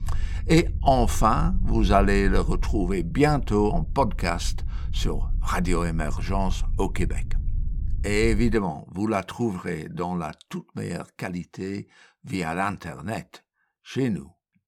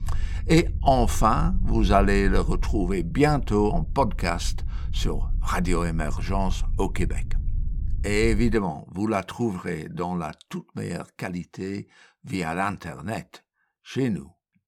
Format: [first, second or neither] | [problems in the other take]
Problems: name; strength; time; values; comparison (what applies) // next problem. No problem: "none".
neither | low rumble; faint; until 8.5 s; 20 dB below the speech; the same in both